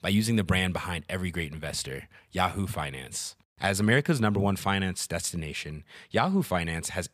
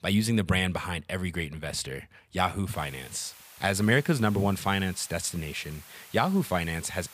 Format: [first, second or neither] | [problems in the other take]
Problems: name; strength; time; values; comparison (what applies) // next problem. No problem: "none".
first | hiss; noticeable; from 2.5 s on; 20 dB below the speech